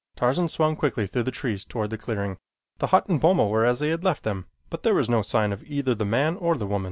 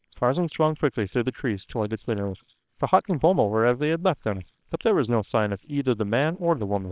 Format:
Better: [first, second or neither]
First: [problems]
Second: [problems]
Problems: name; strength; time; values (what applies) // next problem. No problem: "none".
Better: first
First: none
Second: noise reduction (neural separator model SepFormer WHAM!)